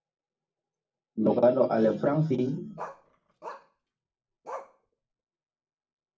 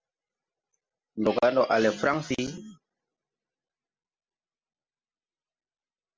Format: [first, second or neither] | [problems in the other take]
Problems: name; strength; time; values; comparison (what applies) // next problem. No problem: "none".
second | background sound (Bark); 15 dB below the speech // room echo; dies away in 0.4 s